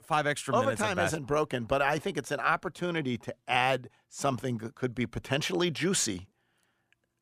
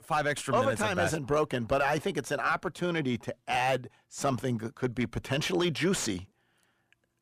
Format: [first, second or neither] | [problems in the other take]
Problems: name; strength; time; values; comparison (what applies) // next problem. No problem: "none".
first | distortion; slight; 10 dB below the speech